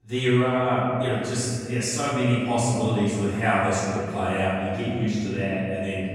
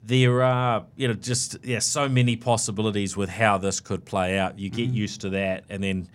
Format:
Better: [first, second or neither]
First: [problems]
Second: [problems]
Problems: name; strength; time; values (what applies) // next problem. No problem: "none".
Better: second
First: off-mic speech; far // room echo; strong; dies away in 2.2 s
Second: none